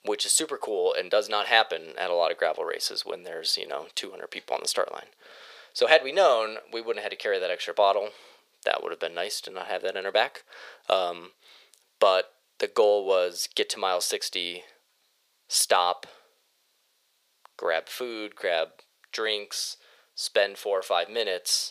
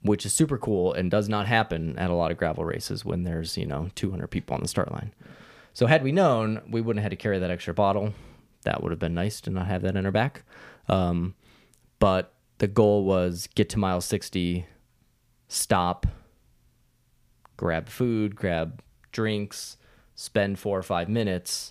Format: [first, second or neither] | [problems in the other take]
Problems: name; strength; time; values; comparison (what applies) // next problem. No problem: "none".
second | thin; very; fading below 500 Hz